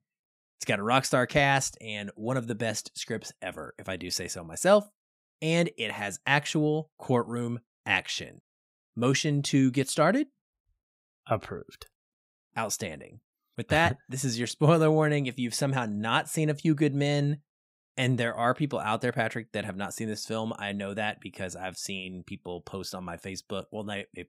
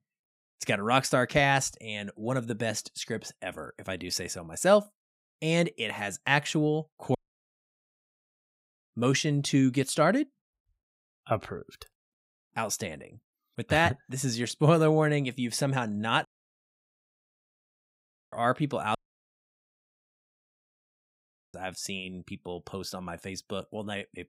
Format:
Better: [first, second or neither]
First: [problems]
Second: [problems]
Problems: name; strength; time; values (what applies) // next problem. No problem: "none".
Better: first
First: none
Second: audio cutting out; at 7 s for 1.5 s, at 16 s for 2 s and at 19 s for 2.5 s